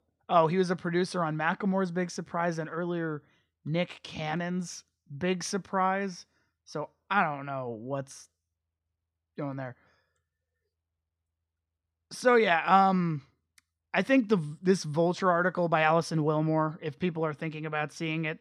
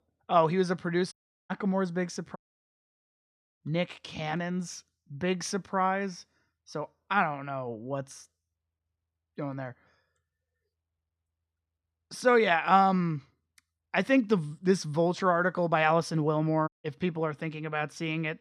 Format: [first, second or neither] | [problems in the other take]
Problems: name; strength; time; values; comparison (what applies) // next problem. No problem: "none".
first | audio cutting out; at 1 s, at 2.5 s for 1 s and at 17 s